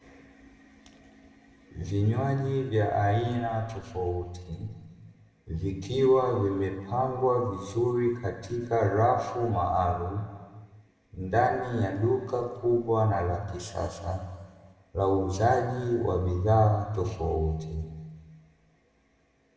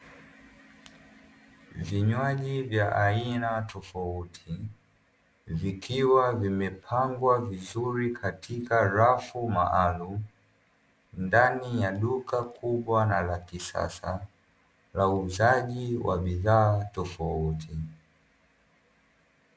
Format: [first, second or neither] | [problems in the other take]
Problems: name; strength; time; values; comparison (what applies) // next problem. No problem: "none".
second | room echo; dies away in 1.4 s